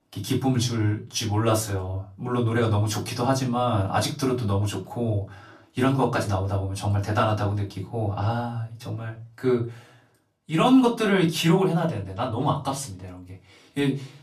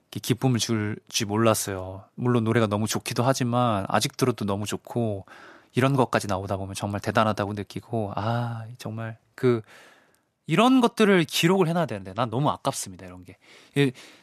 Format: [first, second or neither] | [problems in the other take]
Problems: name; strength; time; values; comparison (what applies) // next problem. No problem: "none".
second | off-mic speech; far // room echo; very slight; dies away in 0.3 s